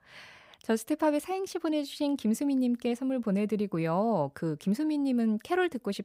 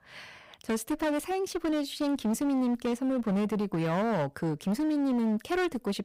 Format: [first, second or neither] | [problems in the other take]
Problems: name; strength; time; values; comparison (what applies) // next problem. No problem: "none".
first | distortion; slight; 25% of the sound clipped